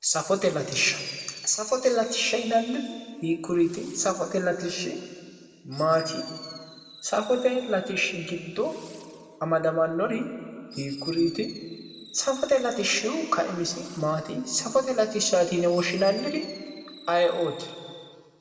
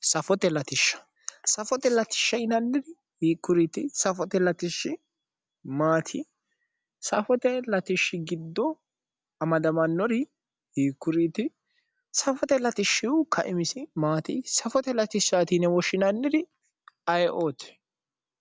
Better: second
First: background sound (Fireworks); 19 dB below the speech // room echo; dies away in 2 s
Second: none

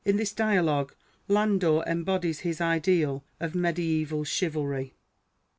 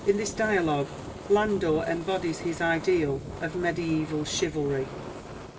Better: first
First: none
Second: background sound (Fire); 12 dB below the speech // room echo; dies away in 1.4 s

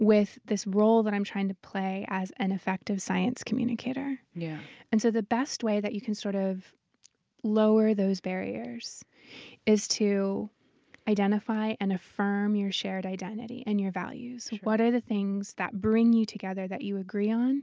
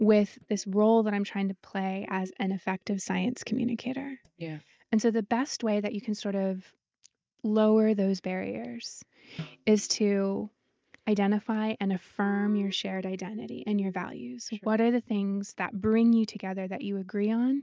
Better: first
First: none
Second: noise reduction (neural mask model DeepFilterNet 3)

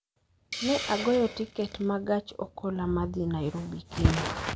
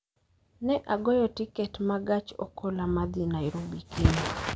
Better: second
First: background sound (Hiss); 14 dB below the speech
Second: none

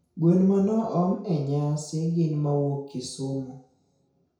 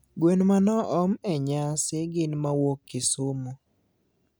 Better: second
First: room echo; dies away in 0.6 s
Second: none

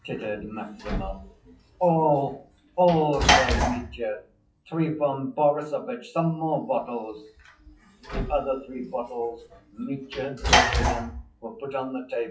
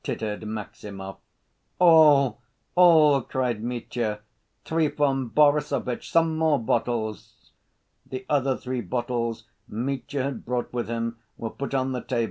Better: second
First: noise reduction (classical method WPE with log-MMSE)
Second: none

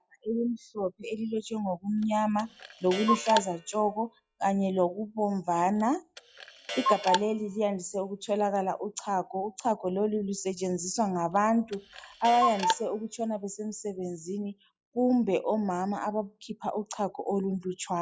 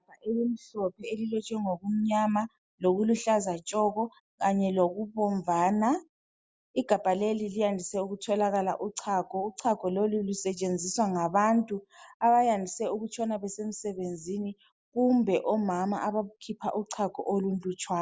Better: second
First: noise reduction (classical method log-MMSE)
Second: none

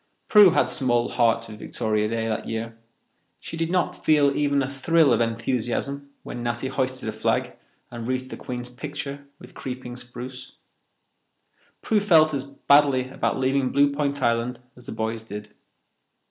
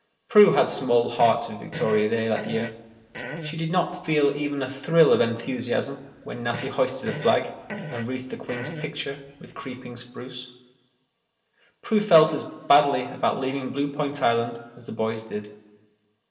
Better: first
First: none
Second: background sound (Fart); 13 dB below the speech // room echo; dies away in 1.2 s

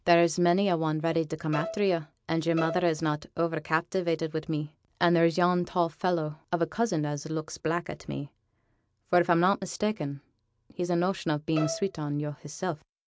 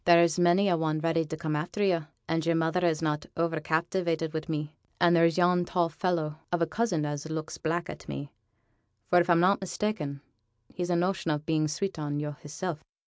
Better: second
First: background sound (Bowed string instrument); 11 dB below the speech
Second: none

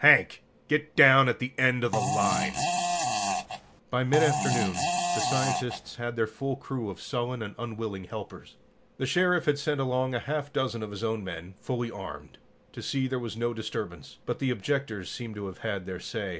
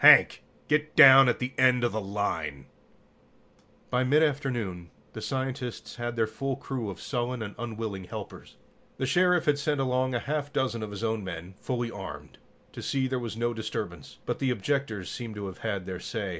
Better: second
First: background sound (Fart); as loud as the speech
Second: none

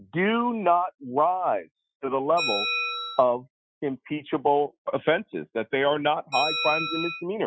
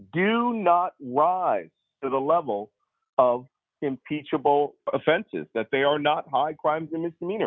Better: second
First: noise reduction (classical method Wiener filter)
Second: none

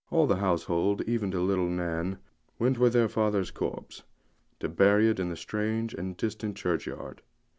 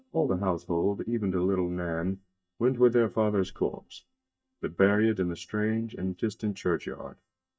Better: first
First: none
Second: noise reduction (neural mask model DeepFilterNet 3)

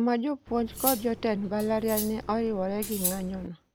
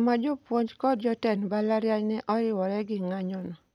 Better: second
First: background sound (Cutlery, silverware); 8 dB below the speech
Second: none

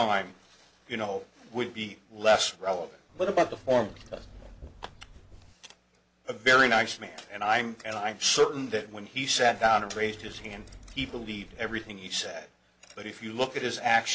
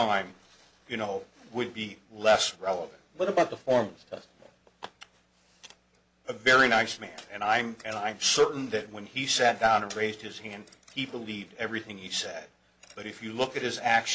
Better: second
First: background sound (Trickle, dribble / Chirp, tweet); 20 dB below the speech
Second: none

